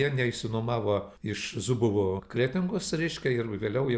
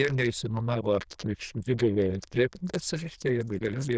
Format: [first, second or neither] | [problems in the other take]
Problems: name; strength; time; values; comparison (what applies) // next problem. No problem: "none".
first | noise reduction (neural diffusion model UNIVERSE++)